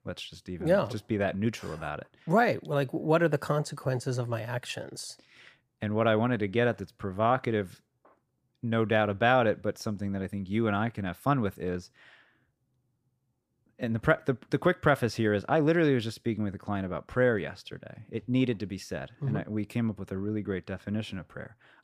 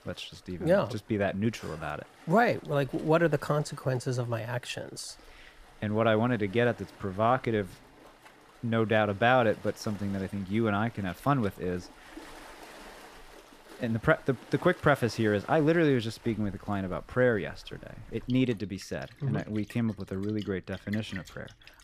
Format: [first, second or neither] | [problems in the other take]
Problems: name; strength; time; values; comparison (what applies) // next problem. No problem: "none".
first | rain or running water; faint; throughout; 20 dB below the speech